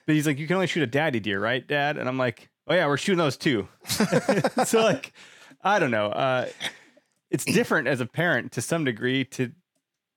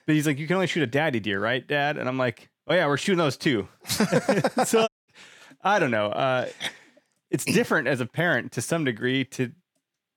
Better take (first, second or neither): first